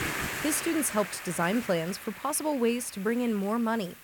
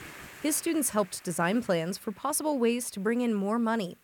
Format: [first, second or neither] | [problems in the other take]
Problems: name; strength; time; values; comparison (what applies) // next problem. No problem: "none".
second | hiss; loud; throughout; 9 dB below the speech; faint in the second